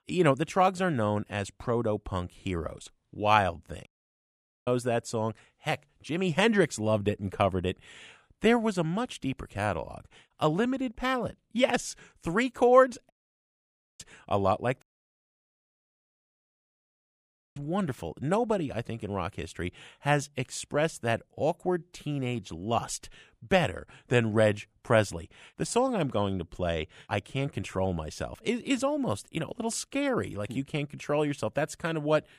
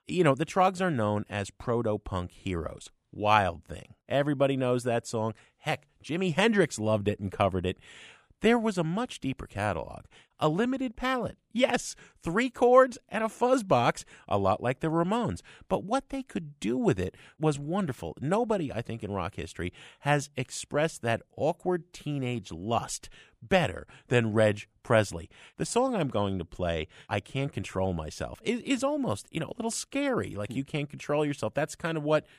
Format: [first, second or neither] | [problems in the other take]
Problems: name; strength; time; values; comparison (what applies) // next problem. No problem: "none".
second | audio cutting out; at 4 s for 1 s, at 13 s for 1 s and at 15 s for 2.5 s